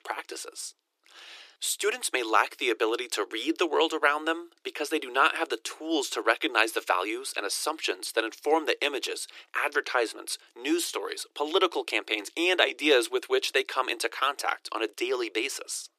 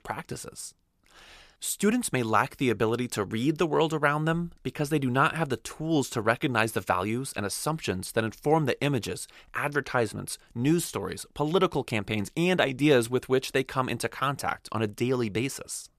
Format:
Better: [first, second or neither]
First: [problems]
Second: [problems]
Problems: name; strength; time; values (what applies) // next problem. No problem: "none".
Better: second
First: thin; very; fading below 300 Hz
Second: none